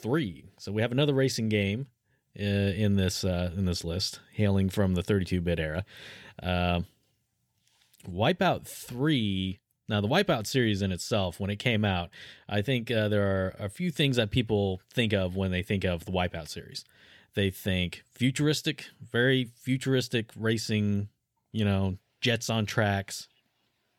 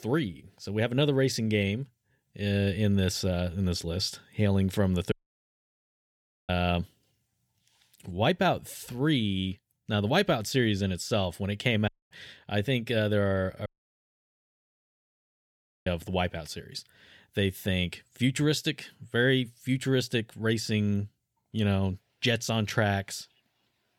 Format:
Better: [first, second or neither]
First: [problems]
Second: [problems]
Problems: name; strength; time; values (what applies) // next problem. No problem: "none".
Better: first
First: none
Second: audio cutting out; at 5 s for 1.5 s, at 12 s and at 14 s for 2 s